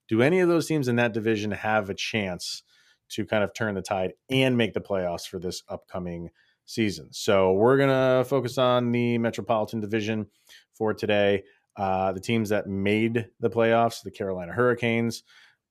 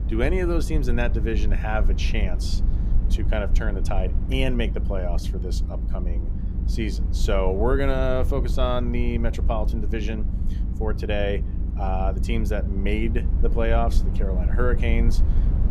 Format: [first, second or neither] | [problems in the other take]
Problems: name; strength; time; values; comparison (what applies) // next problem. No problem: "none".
first | low rumble; noticeable; throughout; 15 dB below the speech